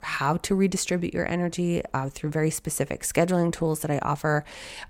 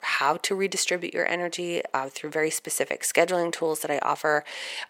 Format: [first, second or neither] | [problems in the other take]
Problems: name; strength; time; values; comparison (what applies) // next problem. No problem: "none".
first | thin; very; fading below 500 Hz